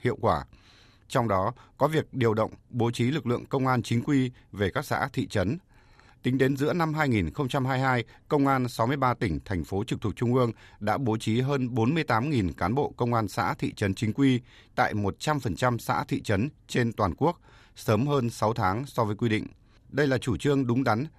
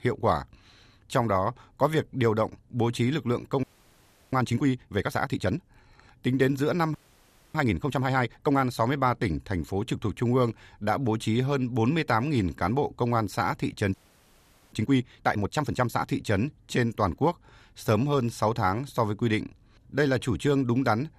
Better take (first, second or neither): first